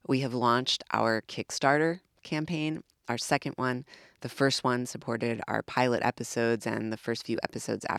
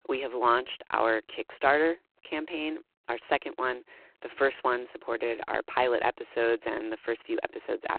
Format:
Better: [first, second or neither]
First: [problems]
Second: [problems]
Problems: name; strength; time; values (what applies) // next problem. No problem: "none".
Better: first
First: none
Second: phone-call audio; poor line